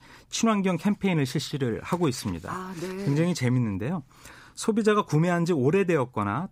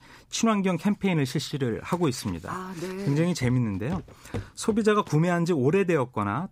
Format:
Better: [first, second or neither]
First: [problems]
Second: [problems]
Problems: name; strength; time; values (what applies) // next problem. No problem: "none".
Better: first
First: none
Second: footsteps; faint; from 3.5 to 5 s; peak 10 dB below the speech